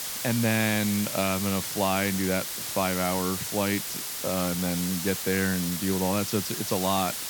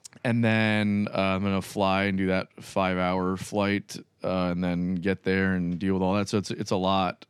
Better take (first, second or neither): second